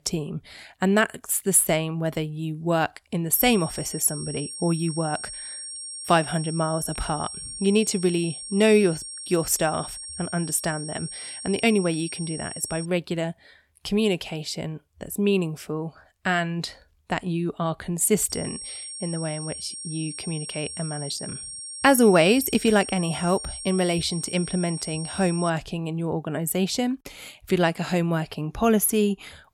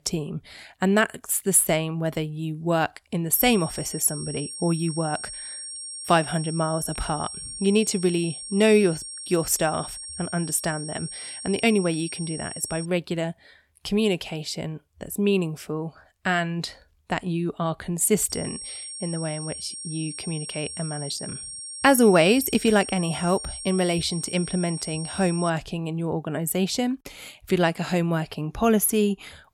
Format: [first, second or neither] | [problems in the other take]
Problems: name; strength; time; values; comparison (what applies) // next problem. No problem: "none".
neither | high-pitched whine; loud; from 3.5 to 13 s and from 18 to 26 s; 8.5 kHz, 9 dB below the speech; the same in both